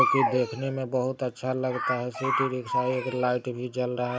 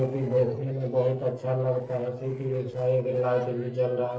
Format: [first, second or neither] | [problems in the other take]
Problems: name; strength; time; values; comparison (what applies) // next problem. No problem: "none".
first | noise reduction (neural separator model SepFormer DNS4)